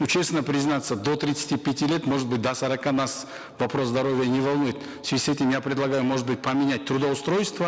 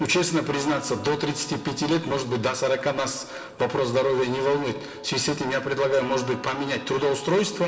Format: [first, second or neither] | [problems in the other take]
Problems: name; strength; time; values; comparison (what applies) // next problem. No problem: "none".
first | background sound (Electric guitar); 20 dB below the speech // room echo; dies away in 0.5 s